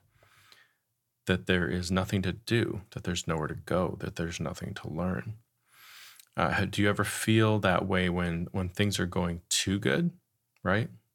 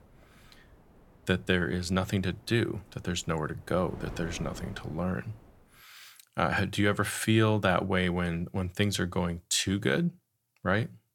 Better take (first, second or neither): first